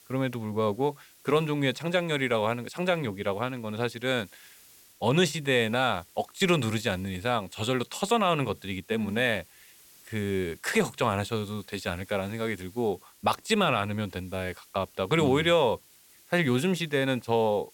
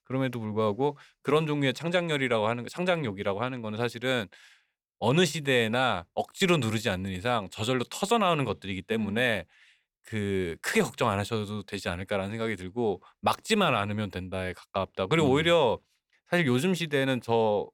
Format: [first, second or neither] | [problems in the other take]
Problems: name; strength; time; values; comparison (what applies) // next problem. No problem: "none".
second | hiss; faint; throughout; 25 dB below the speech